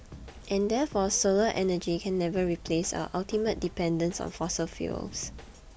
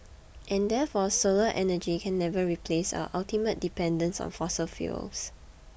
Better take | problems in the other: second | background sound (Drum kit); 19 dB below the speech

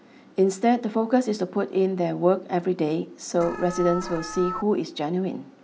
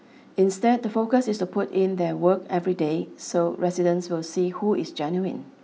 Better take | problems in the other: second | background sound (Alarm); 9 dB below the speech

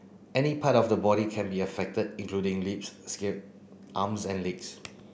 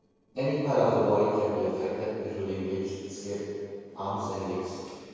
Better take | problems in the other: first | noise reduction (neural separator model SepFormer DNS4)

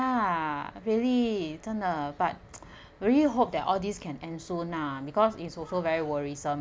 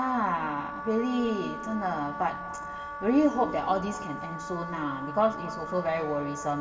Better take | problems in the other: first | background sound (Wind instrument, woodwind instrument); 9 dB below the speech // room echo; dies away in 2.3 s

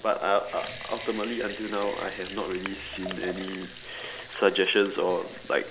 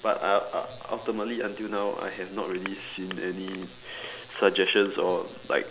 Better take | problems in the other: second | background sound (Sink (filling or washing) / Water tap, faucet / Liquid); 14 dB below the speech

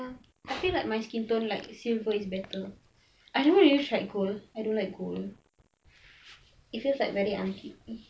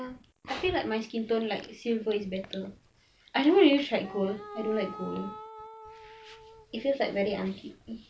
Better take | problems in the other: first | background sound (Wind instrument, woodwind instrument); 15 dB below the speech

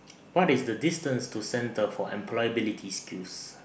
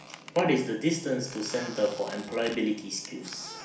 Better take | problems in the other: first | background sound (Squeak); 17 dB below the speech // room echo; dies away in 0.4 s

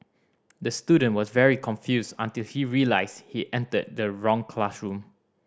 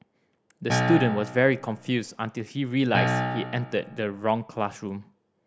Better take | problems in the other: first | background sound (Piano); 2 dB below the speech

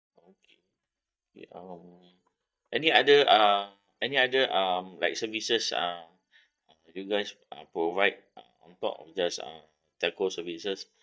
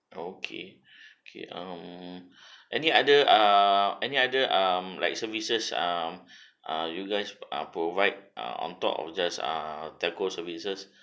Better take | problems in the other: second | noise reduction (neural mask model DeepFilterNet 3)

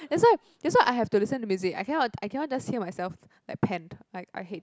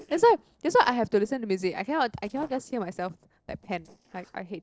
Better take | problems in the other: first | noise reduction (neural separator model SepFormer DNS4)

